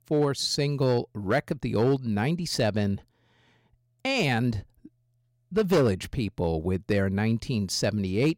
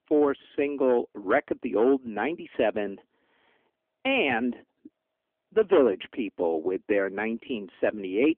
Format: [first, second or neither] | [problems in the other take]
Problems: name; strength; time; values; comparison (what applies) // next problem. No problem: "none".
first | phone-call audio; nothing above 3 kHz